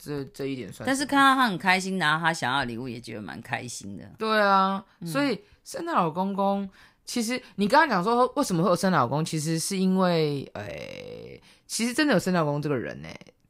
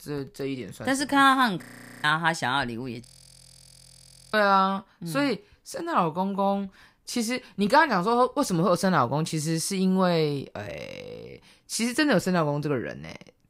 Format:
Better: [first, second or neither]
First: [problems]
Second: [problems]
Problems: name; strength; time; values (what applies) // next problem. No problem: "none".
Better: first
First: none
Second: audio freezing; at 1.5 s and at 3 s for 1.5 s